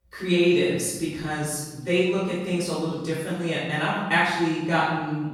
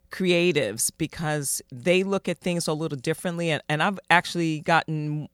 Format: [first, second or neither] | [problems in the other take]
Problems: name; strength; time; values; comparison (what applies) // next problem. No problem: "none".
second | room echo; strong; dies away in 1 s // off-mic speech; far